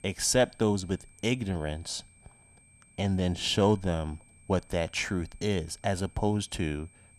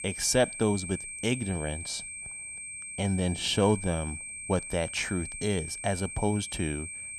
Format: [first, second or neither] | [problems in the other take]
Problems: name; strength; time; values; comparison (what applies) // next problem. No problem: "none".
first | high-pitched whine; loud; throughout; 8.5 kHz, 7 dB below the speech; faint in the first